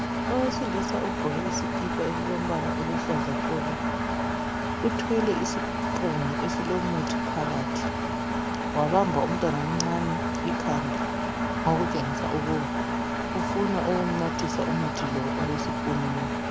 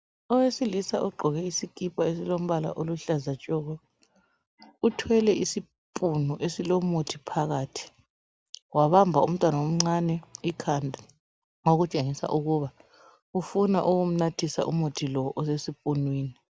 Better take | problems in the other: second | background sound (Engine); 2 dB above the speech

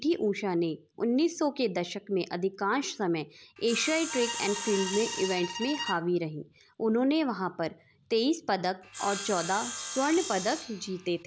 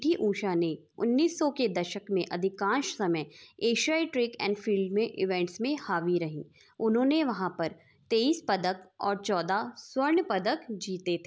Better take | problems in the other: second | background sound (Bowed string instrument + Sawing); 8 dB below the speech

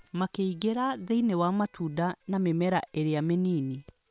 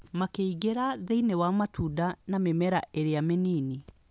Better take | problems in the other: second | noise reduction (neural separator model SepFormer WHAM!)

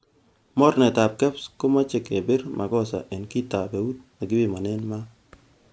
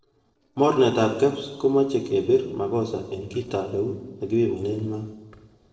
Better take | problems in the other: first | noise reduction (neural separator model SepFormer DNS4)

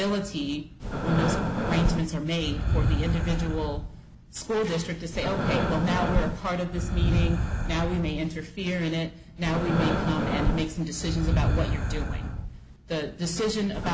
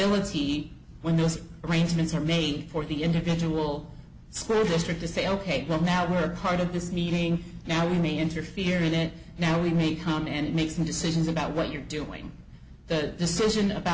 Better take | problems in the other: second | background sound (Breathing); 1 dB above the speech

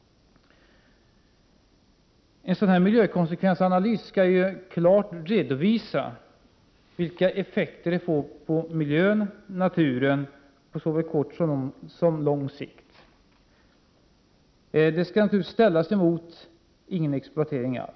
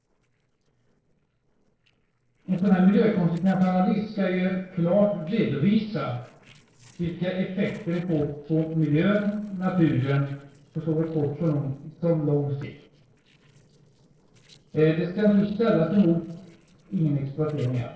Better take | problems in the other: first | noise reduction (neural separator model SepFormer DNS4)

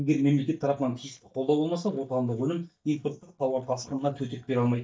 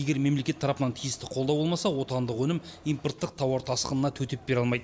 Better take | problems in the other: second | noise reduction (neural mask model DeepFilterNet 3)

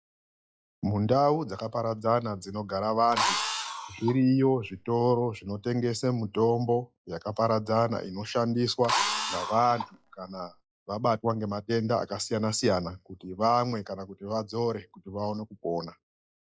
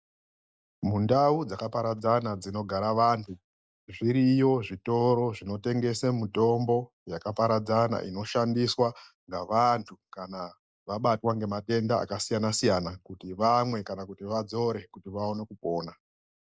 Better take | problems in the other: second | noise reduction (classical method log-MMSE)

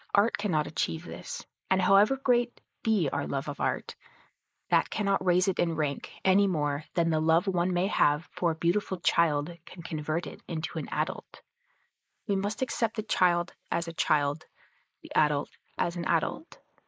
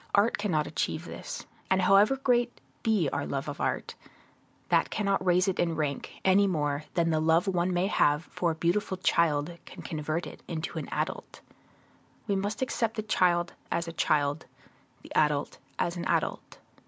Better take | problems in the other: second | noise reduction (neural mask model Resemble Enhance denoiser)

